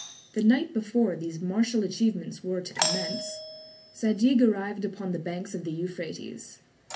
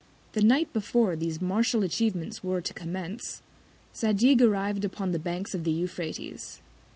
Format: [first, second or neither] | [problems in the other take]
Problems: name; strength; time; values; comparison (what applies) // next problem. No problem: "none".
second | background sound (Doorbell); 11 dB below the speech // room echo; dies away in 0.3 s